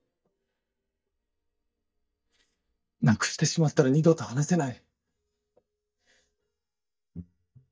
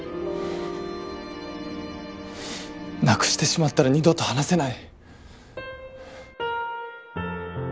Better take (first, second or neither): second